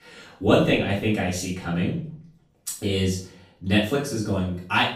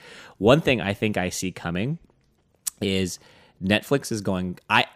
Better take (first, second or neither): second